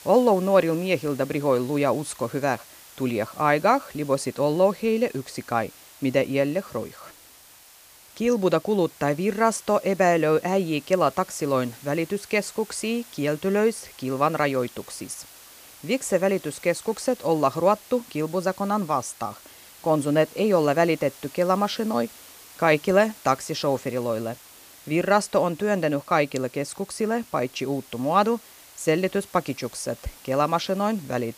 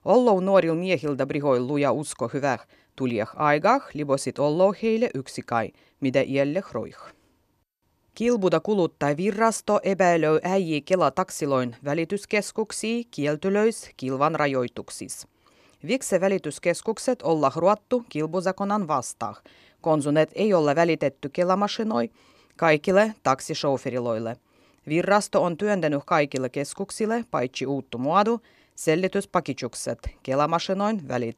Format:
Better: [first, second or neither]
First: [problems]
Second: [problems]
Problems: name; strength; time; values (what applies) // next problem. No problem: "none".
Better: second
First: hiss; faint; throughout; 20 dB below the speech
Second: none